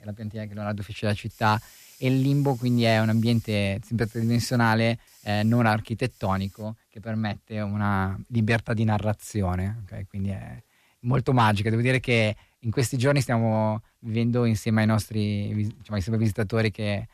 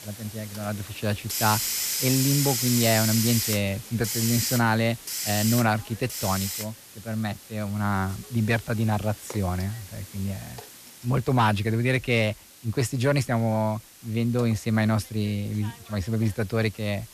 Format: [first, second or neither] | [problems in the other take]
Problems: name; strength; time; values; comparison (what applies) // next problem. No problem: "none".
first | hiss; loud; throughout; 2 dB below the speech; faint in the first